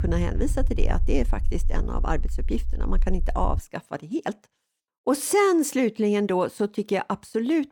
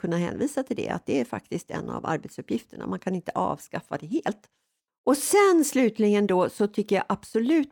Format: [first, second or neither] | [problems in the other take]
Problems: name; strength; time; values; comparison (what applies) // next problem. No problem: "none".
second | low rumble; faint; until 3.5 s; 25 dB below the speech